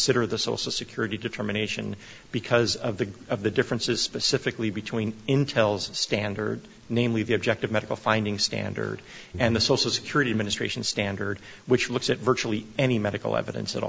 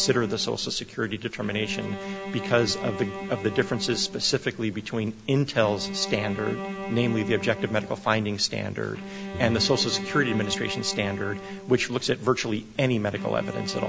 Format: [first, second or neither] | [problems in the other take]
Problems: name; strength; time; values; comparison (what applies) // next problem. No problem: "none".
first | background sound (Bowed string instrument); 9 dB below the speech